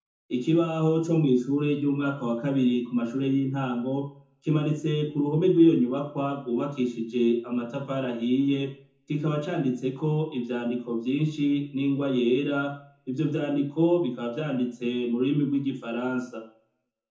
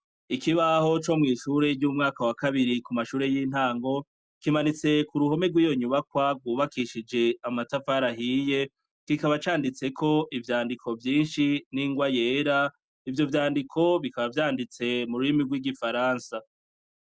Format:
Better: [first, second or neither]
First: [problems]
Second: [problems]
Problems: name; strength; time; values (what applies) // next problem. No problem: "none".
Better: second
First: room echo; dies away in 0.6 s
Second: none